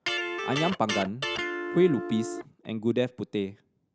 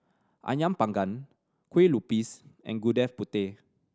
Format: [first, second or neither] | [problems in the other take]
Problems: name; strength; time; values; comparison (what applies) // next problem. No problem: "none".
second | background sound (Electric guitar); 4 dB below the speech